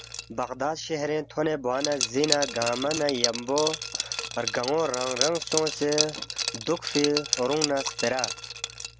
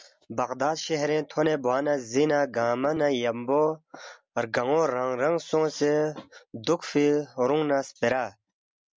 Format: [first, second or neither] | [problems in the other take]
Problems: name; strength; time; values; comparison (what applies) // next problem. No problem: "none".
second | background sound (Liquid); 4 dB below the speech